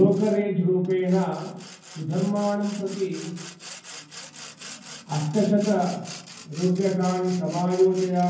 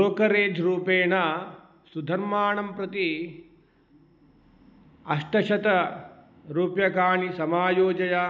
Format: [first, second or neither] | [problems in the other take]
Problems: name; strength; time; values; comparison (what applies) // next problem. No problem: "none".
second | background sound (Sawing); 18 dB below the speech // room echo; dies away in 0.9 s